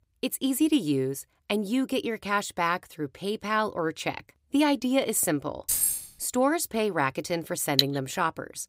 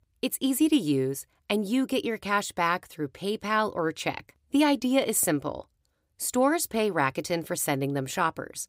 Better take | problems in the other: second | jangling keys; loud; at 5.5 s; peak 4 dB above the speech // clattering dishes; very faint; at 8 s; peak 3 dB above the speech

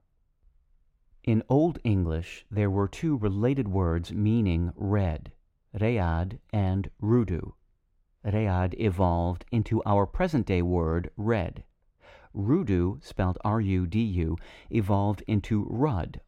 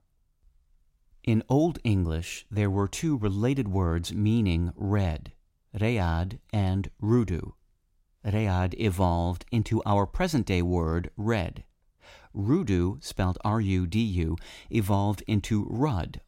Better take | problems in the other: second | muffled; slightly; fading above 3.5 kHz

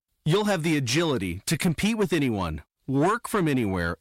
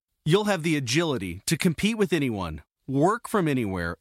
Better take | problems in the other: second | distortion; slight; 10 dB below the speech

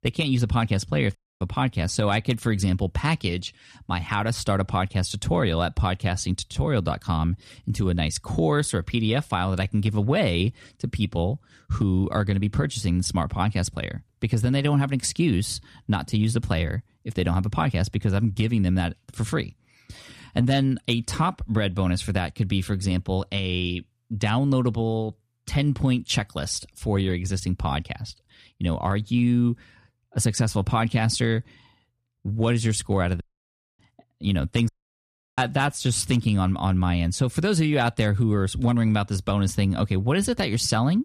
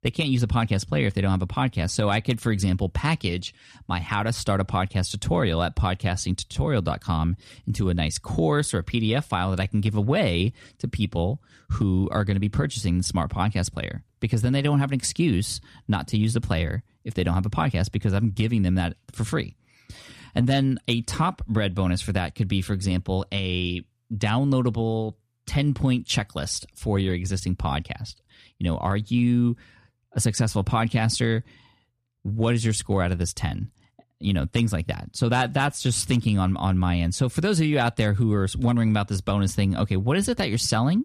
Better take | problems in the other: second | audio cutting out; at 1 s, at 33 s for 0.5 s and at 35 s for 0.5 s

